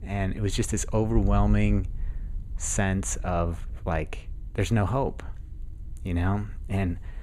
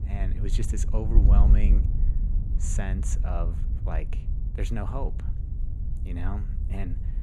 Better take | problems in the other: first | wind noise on the microphone; heavy; 6 dB below the speech; occasional gusts in the first

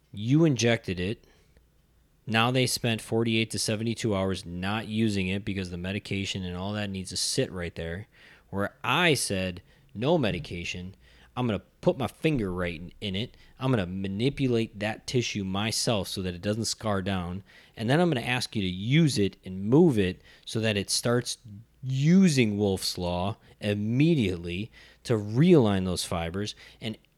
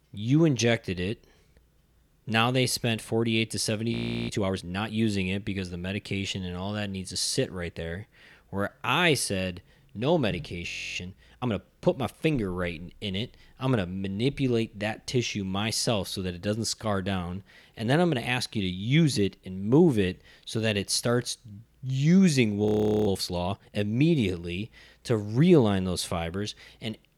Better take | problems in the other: first | audio freezing; at 4 s, at 11 s and at 23 s

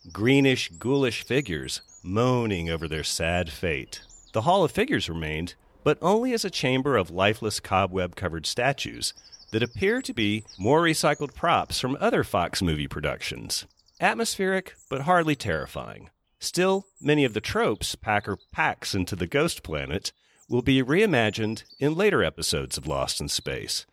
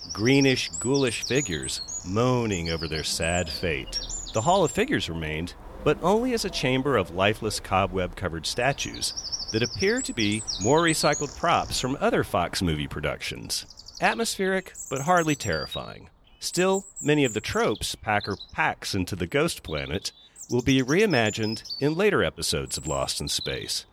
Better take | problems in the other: first | animal sounds; loud; throughout; 9 dB below the speech; faint in the first

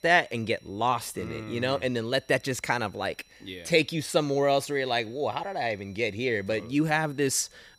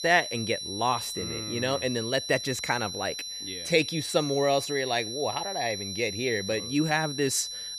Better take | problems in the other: first | high-pitched whine; loud; throughout; 4 kHz, 6 dB below the speech; faint in the first

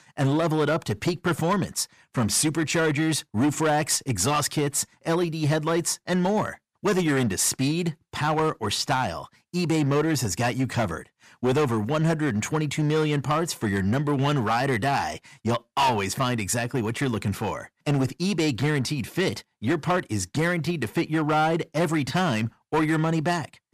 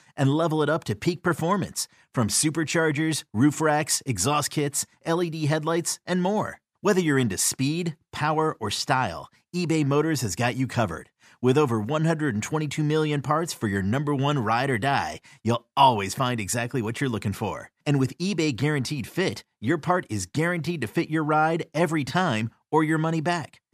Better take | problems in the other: second | distortion; slight; 9% of the sound clipped

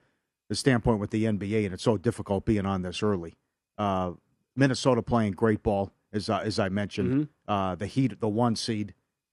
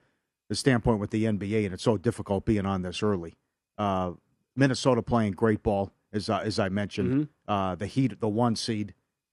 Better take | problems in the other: neither | none

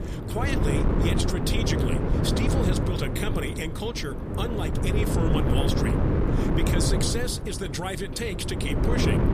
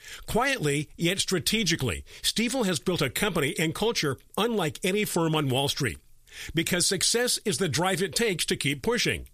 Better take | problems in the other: second | wind noise on the microphone; heavy; as loud as the speech

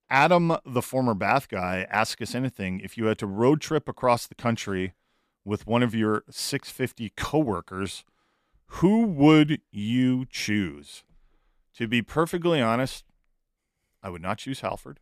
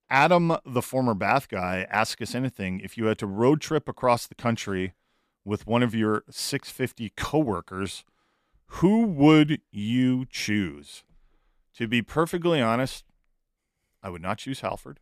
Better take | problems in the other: neither | none

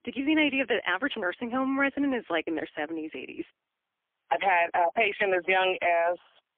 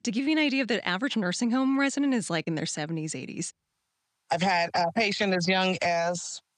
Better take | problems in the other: second | phone-call audio; poor line; nothing above 3 kHz

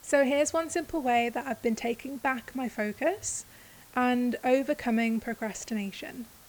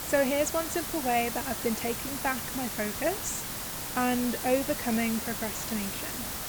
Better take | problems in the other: first | hiss; loud; throughout; 3 dB below the speech; faint in the first

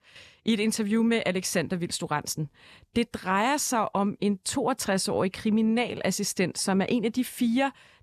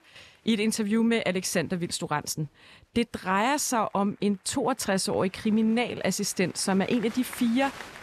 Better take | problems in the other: first | crowd noise; noticeable; throughout; 20 dB below the speech

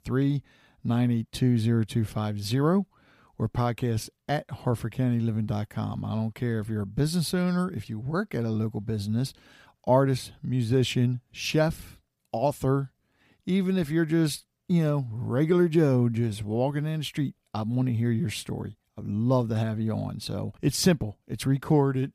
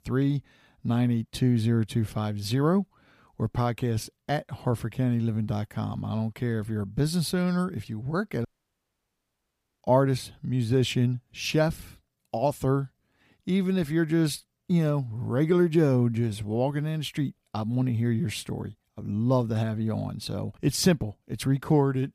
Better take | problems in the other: first | audio cutting out; at 8.5 s for 1.5 s

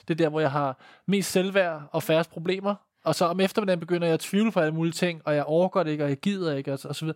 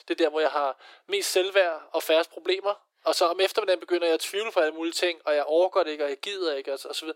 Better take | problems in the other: first | thin; very; fading below 350 Hz

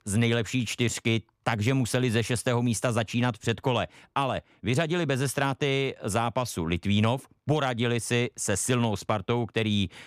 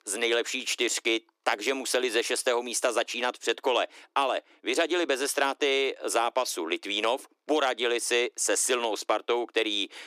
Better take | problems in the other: first | thin; very; fading below 300 Hz

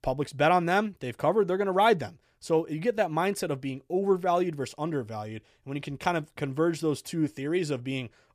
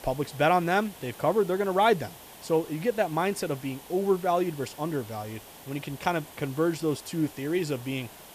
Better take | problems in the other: first | hiss; noticeable; throughout; 20 dB below the speech

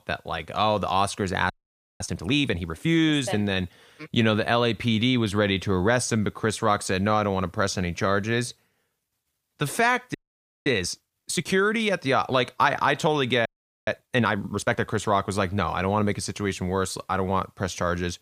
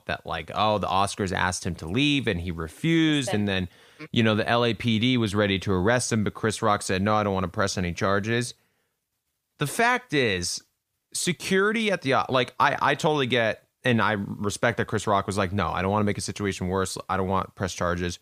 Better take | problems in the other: second | audio freezing; at 1.5 s for 0.5 s, at 10 s for 0.5 s and at 13 s

